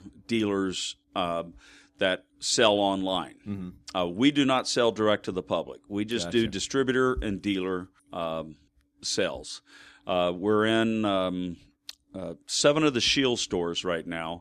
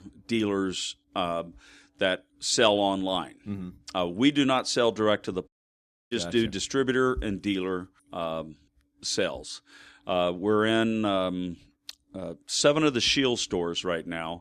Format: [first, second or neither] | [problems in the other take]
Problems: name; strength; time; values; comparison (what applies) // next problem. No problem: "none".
first | audio cutting out; at 5.5 s for 0.5 s